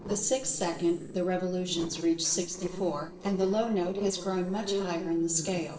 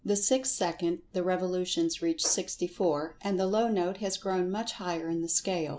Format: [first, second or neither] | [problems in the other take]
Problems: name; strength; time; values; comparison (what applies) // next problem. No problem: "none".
second | noise reduction (neural separator model SepFormer DNS4)